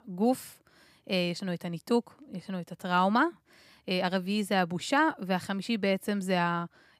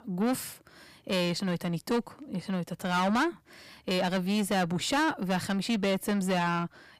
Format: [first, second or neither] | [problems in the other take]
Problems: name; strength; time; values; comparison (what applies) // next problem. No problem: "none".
first | distortion; heavy; 7 dB below the speech